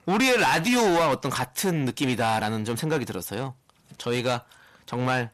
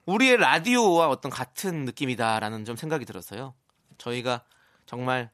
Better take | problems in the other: second | distortion; heavy; 6 dB below the speech

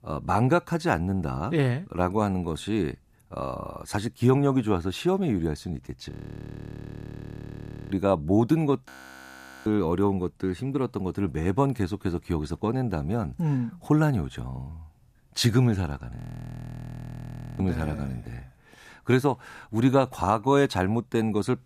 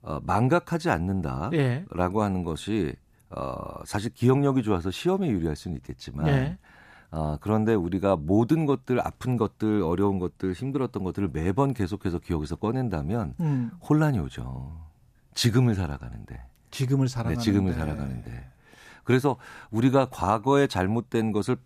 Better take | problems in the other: second | audio freezing; at 6 s for 2 s, at 9 s for 1 s and at 16 s for 1.5 s

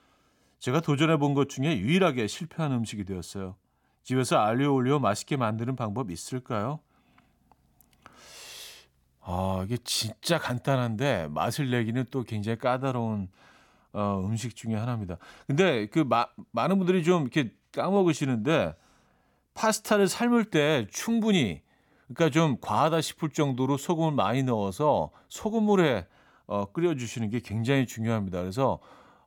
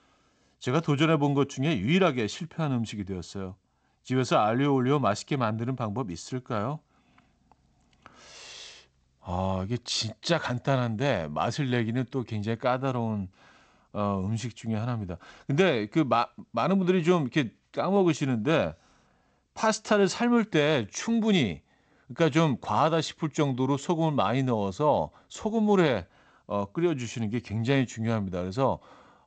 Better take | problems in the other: first | garbled, watery; slightly; nothing above 8 kHz

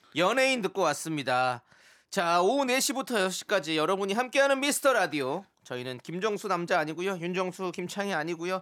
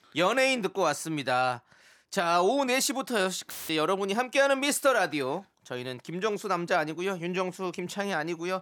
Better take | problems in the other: first | audio cutting out; filled with static; at 3.5 s

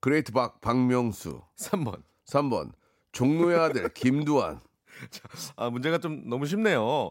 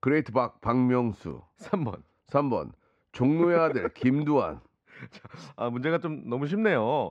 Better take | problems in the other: first | muffled; slightly; fading above 2.5 kHz

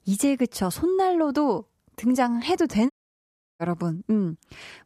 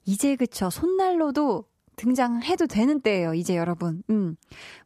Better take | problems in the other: second | audio cutting out; at 3 s for 0.5 s

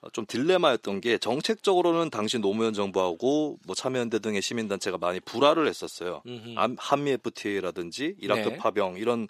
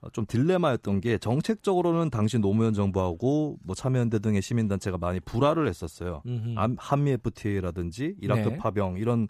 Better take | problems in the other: second | thin; somewhat; fading below 350 Hz

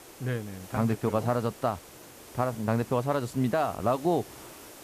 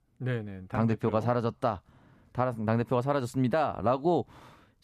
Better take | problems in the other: second | hiss; noticeable; throughout; 20 dB below the speech

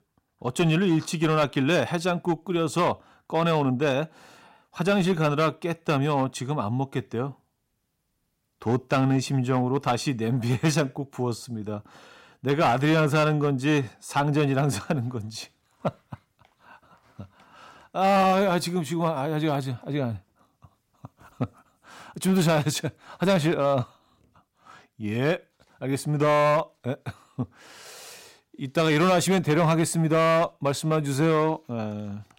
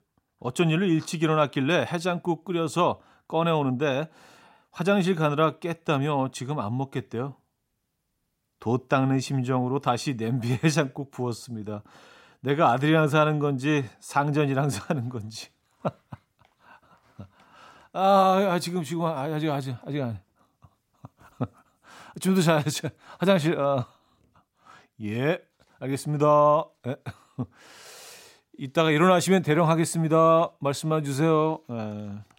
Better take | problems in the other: second | distortion; slight; 6% of the sound clipped

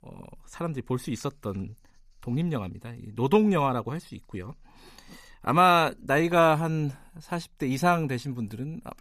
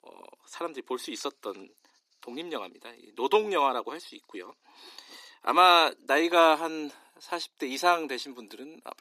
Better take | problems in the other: first | thin; very; fading below 300 Hz

